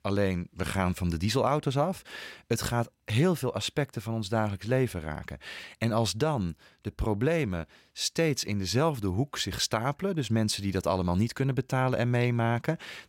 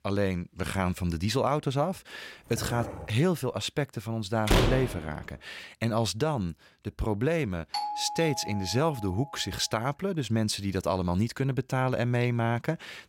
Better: first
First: none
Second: dog barking; noticeable; at 2.5 s; peak 9 dB below the speech // door banging; loud; at 4.5 s; peak 4 dB above the speech // doorbell; noticeable; from 7.5 to 9.5 s; peak 3 dB below the speech

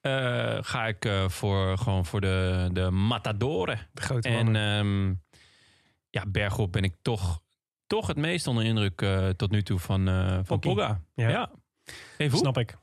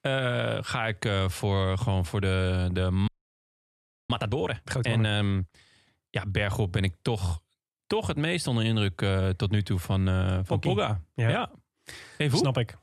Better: first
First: none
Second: audio freezing; at 3 s for 1 s

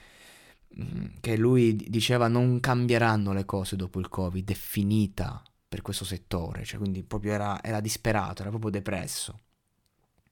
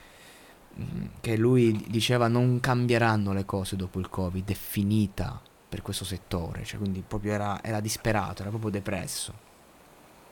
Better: first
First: none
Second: hiss; faint; throughout; 25 dB below the speech

